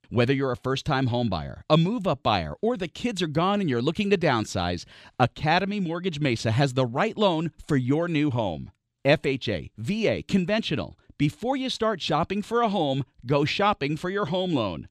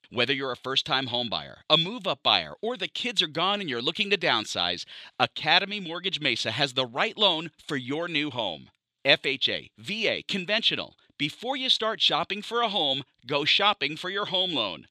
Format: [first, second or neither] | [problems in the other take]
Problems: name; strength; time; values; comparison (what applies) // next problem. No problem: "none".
first | thin; somewhat; fading below 950 Hz